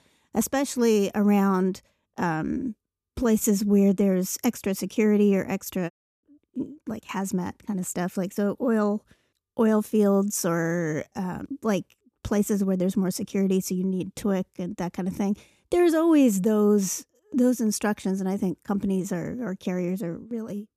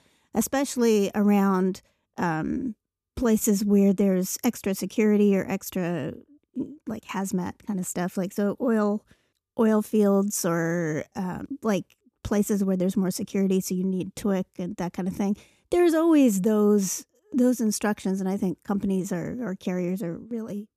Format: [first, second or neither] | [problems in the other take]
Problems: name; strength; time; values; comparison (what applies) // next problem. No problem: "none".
second | audio cutting out; at 6 s